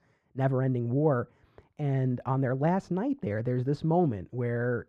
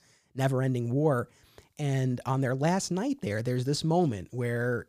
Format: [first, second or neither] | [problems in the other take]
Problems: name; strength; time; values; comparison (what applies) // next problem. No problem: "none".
second | muffled; very; fading above 3.5 kHz